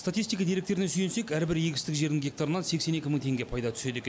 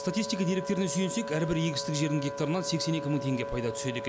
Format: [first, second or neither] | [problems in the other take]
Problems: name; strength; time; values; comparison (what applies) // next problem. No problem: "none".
first | background sound (Wind instrument, woodwind instrument); 8 dB below the speech